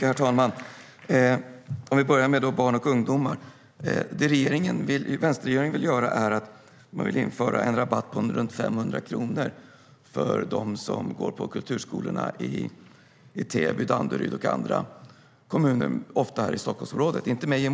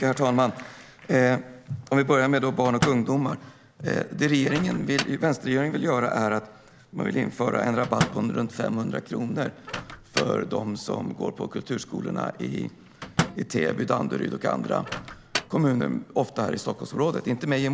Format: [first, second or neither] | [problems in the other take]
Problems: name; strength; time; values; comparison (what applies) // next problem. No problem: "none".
first | background sound (Microwave oven); 11 dB below the speech